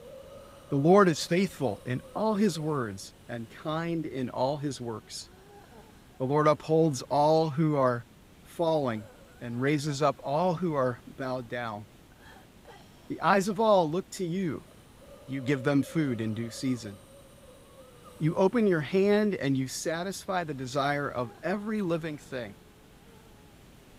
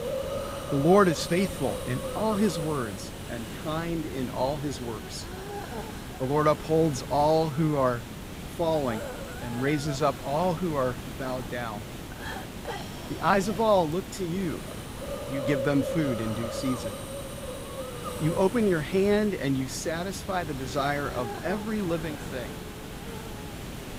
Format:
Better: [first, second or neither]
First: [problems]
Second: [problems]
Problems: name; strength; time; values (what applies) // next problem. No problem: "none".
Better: first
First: hiss; faint; throughout; 25 dB below the speech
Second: hiss; loud; throughout; 9 dB below the speech